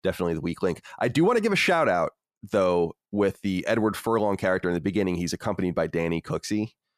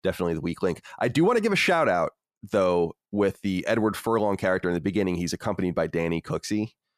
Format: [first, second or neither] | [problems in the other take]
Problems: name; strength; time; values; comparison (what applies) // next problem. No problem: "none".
neither | none